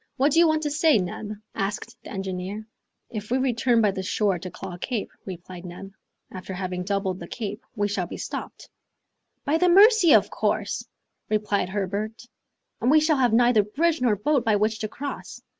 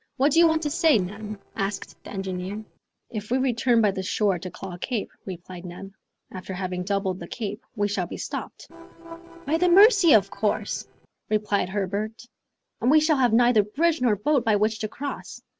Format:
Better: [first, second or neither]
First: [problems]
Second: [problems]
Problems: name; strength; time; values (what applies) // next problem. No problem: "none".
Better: first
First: none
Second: noise reduction (neural separator model SepFormer DNS4)